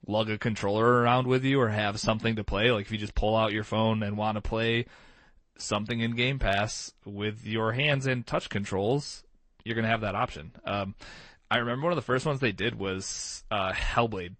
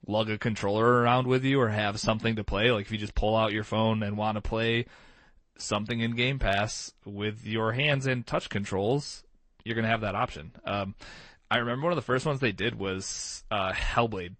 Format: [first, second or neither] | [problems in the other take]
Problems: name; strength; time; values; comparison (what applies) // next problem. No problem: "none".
neither | garbled, watery; slightly; nothing above 8 kHz; the same in both